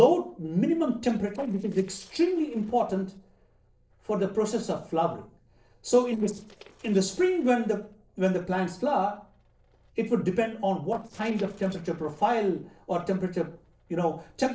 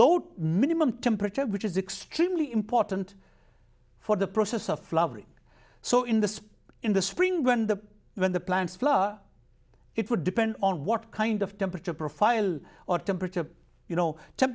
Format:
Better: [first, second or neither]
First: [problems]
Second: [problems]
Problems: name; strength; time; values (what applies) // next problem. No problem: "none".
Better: second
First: noise reduction (neural separator model SepFormer DNS4)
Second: none